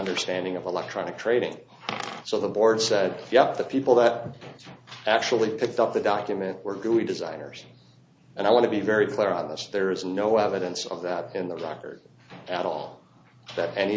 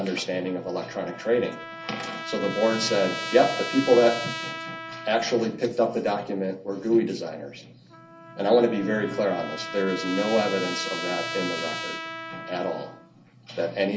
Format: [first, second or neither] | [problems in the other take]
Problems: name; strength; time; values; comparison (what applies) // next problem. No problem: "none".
first | background sound (Trumpet); 10 dB below the speech // room echo; dies away in 0.2 s